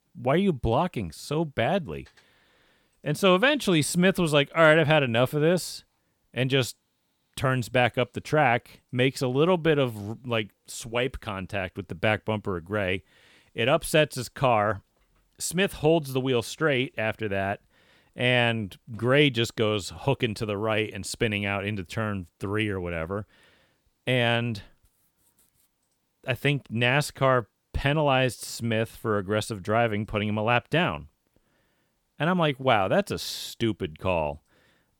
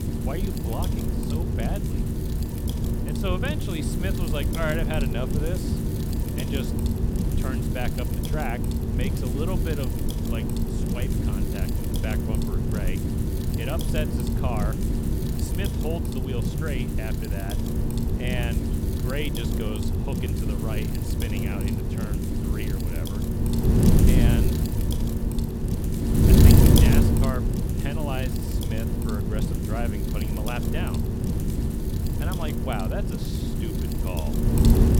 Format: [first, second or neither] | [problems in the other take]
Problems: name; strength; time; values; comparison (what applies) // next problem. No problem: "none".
first | wind noise on the microphone; heavy; 2 dB above the speech